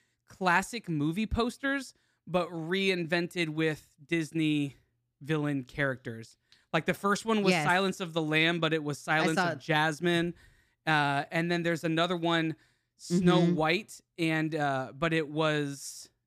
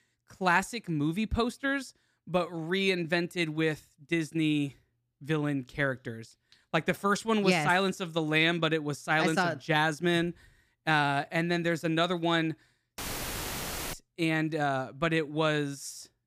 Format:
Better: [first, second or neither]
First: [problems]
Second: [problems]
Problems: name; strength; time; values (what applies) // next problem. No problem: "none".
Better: first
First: none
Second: audio cutting out; filled with static; at 13 s for 1 s